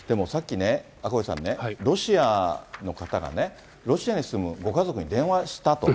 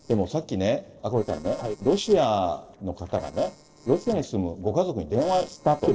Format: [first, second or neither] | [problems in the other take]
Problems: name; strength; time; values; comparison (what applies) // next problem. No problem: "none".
first | noise reduction (neural separator model SepFormer DNS4)